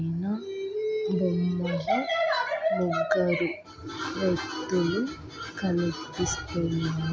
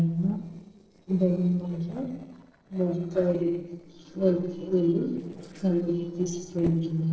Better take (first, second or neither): first